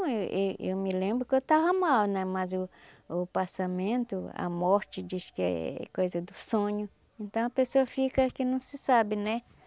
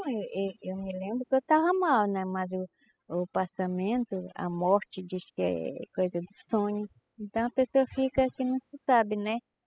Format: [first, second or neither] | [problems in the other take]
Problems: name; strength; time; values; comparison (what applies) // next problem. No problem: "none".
first | noise reduction (classical method spectral subtraction)